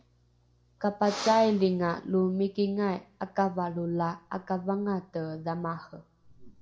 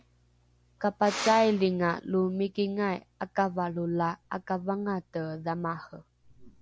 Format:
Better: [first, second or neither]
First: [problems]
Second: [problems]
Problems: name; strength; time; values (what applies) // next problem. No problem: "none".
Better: second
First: room echo; dies away in 0.6 s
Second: none